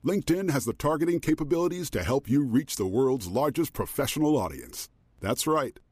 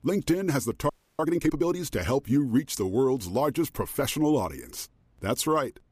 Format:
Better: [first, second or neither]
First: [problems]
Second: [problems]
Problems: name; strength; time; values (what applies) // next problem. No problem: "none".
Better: first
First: none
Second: audio freezing; at 1 s